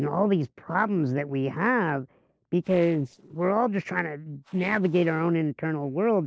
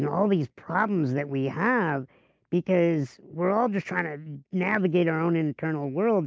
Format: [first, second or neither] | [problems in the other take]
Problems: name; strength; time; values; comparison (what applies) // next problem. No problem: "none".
second | noise reduction (neural separator model SepFormer DNS4)